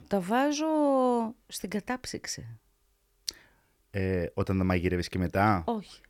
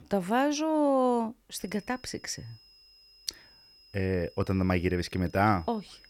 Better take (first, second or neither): first